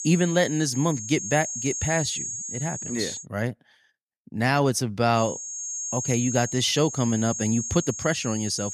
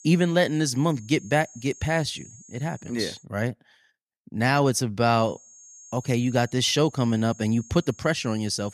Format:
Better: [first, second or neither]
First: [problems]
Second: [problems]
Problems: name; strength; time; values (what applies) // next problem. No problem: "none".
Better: second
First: high-pitched whine; loud; until 3 s and from 5 s on; 6.5 kHz, 6 dB below the speech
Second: high-pitched whine; faint; until 3 s and from 5 s on; 6.5 kHz, 20 dB below the speech